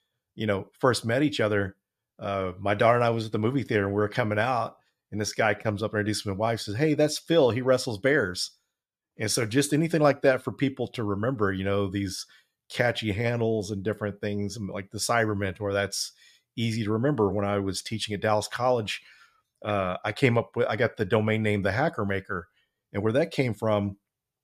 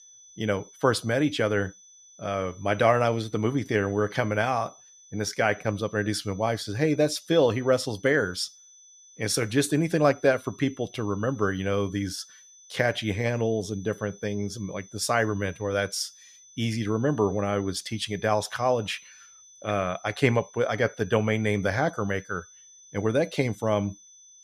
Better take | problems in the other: first | high-pitched whine; faint; throughout; 6 kHz, 25 dB below the speech

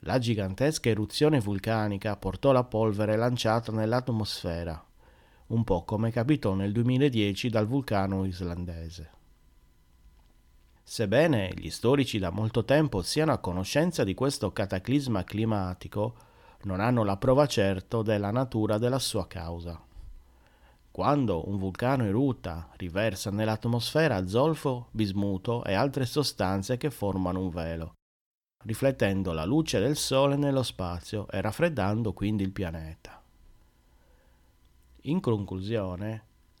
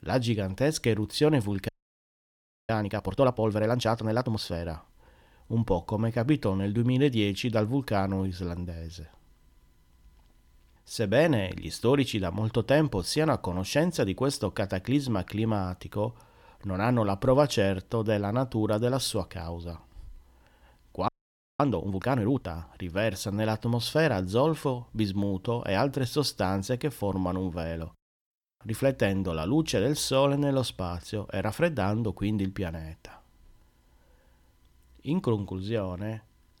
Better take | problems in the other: first | audio freezing; at 1.5 s for 1 s and at 21 s for 0.5 s

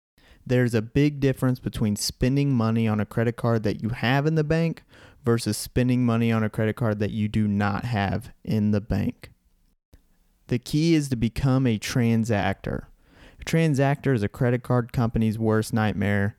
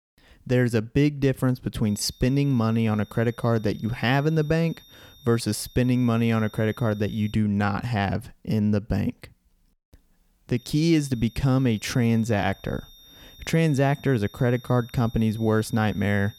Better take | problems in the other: first | high-pitched whine; faint; from 2 to 7.5 s and from 11 s on; 3.5 kHz, 25 dB below the speech

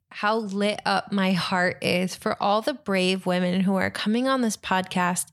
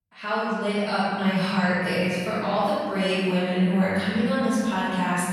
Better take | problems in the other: first | off-mic speech; far // room echo; strong; dies away in 2 s

